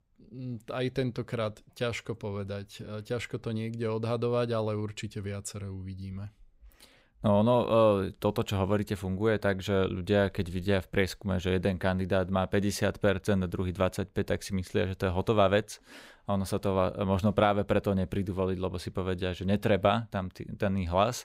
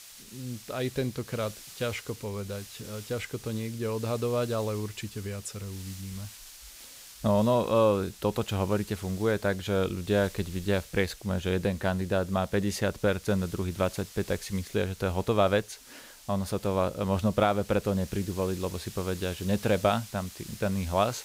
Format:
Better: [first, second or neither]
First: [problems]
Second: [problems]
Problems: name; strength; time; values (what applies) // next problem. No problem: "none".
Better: first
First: none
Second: hiss; noticeable; throughout; 15 dB below the speech